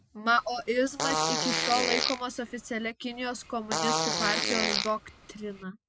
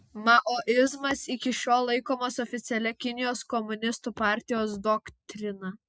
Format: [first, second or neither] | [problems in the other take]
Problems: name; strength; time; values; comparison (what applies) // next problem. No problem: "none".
second | background sound (Fart); as loud as the speech